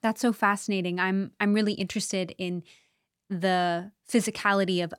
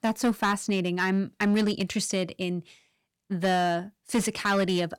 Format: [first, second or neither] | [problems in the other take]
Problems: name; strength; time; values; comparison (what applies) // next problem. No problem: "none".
first | distortion; slight; 6% of the sound clipped